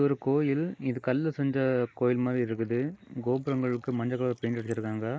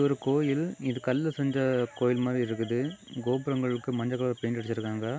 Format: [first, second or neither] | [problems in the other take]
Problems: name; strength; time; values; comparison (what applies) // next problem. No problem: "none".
second | noise reduction (neural mask model Resemble Enhance denoiser)